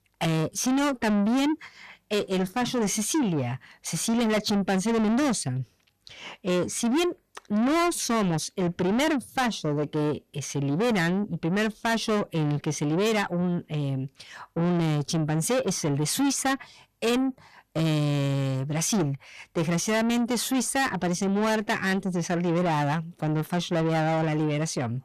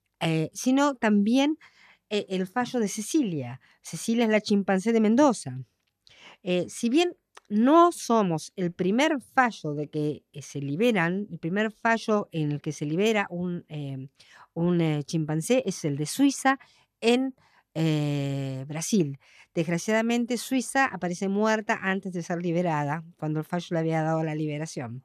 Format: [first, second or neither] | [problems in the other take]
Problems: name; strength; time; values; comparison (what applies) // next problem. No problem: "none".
second | distortion; heavy; 6 dB below the speech